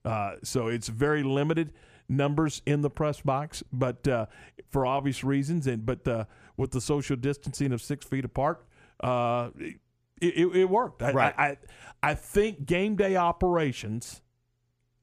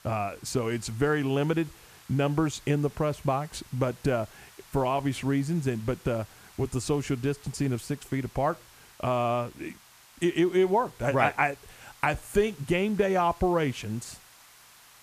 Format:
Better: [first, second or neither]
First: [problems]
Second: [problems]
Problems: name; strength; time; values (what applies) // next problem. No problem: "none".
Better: first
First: none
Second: hiss; faint; throughout; 25 dB below the speech